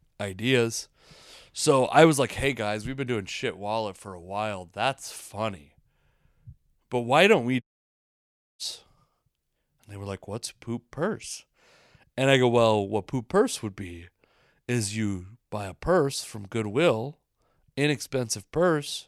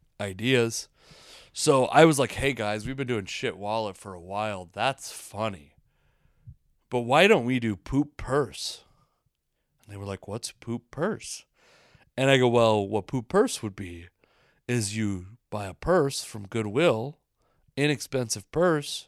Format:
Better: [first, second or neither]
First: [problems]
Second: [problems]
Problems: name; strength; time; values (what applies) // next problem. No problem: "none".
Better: second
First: audio cutting out; at 7.5 s for 1 s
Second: none